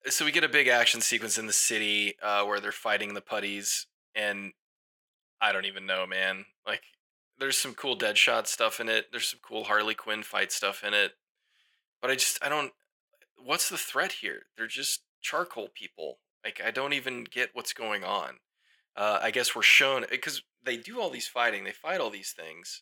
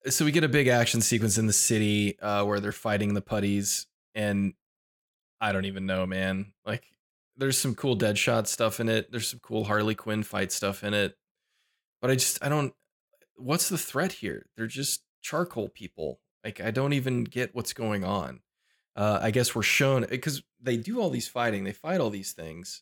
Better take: second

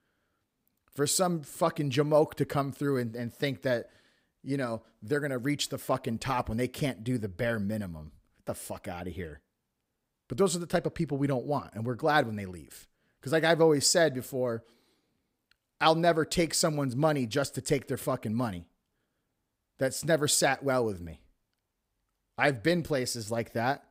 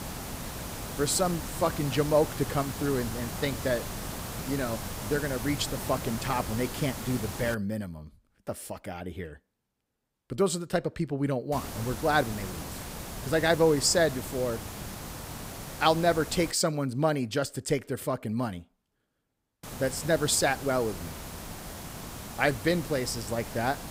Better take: first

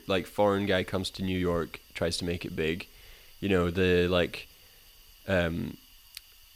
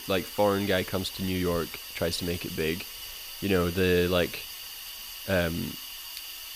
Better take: first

